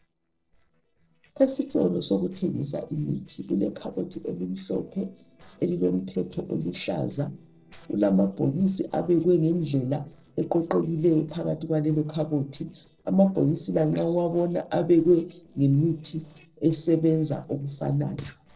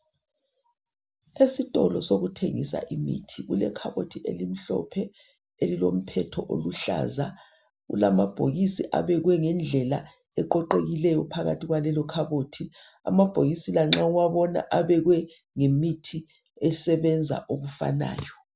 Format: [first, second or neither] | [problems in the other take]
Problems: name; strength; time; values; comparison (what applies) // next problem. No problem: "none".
second | noise reduction (neural separator model SepFormer DNS4)